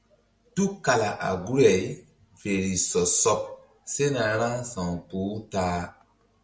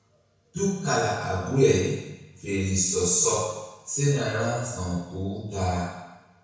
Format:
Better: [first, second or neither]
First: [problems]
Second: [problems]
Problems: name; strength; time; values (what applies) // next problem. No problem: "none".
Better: first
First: none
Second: room echo; dies away in 1.1 s